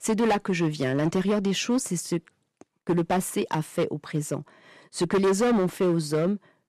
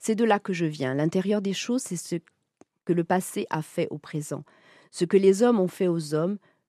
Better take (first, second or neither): second